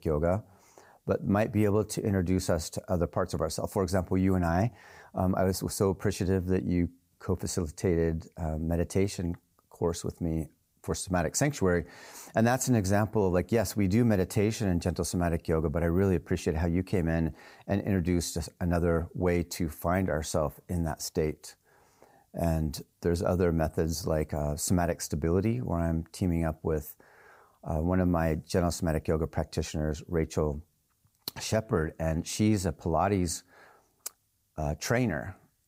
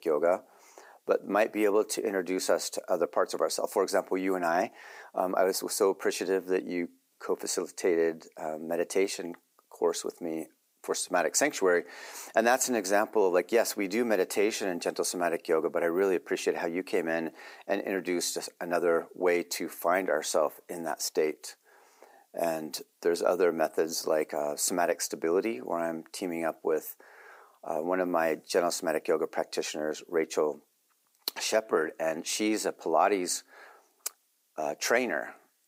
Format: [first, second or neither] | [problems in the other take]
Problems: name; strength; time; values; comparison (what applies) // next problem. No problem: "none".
first | thin; somewhat; fading below 300 Hz